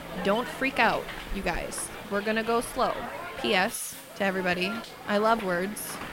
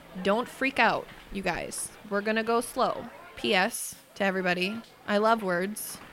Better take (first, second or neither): second